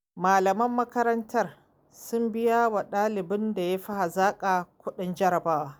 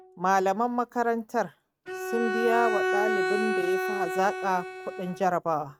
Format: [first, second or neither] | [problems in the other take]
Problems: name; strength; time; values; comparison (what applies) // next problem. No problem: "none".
first | noise reduction (neural mask model RNNoise)